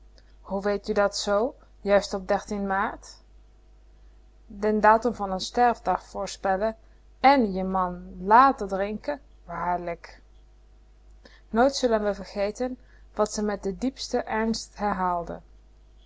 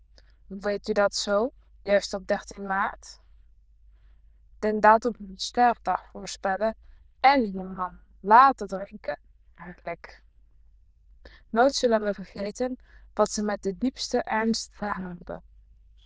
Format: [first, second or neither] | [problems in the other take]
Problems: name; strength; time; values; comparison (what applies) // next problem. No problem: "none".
first | noise reduction (neural diffusion model UNIVERSE++)